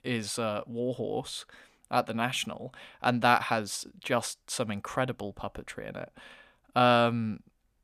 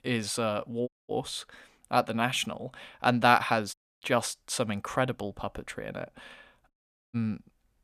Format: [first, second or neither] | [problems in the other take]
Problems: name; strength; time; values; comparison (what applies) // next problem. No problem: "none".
first | audio cutting out; at 1 s, at 3.5 s and at 6.5 s